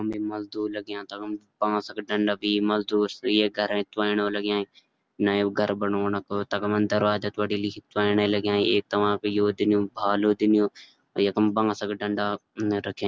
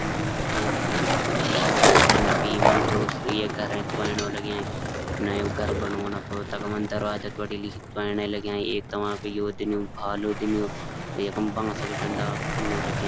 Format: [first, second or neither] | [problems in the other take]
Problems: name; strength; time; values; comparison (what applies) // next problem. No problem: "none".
first | background sound (Skateboard); 4 dB above the speech